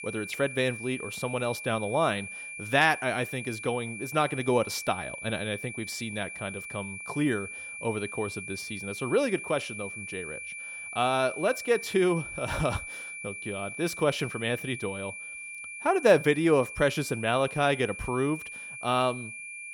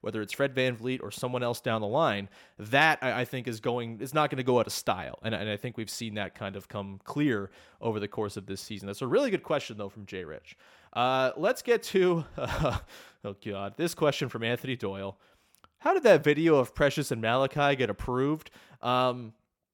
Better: second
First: high-pitched whine; loud; throughout; 2.5 kHz, 9 dB below the speech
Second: none

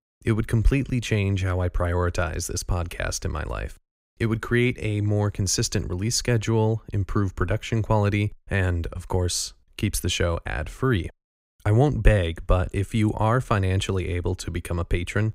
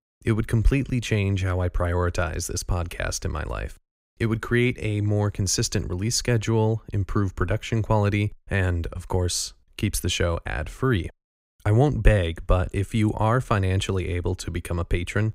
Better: neither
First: none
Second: none

